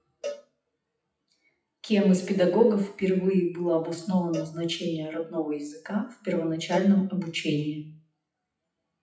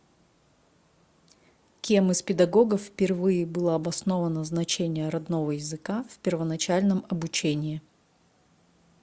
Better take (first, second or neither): second